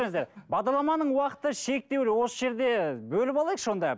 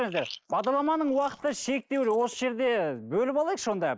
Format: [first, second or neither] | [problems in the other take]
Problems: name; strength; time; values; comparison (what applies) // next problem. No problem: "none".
first | noise reduction (neural mask model Resemble Enhance denoiser)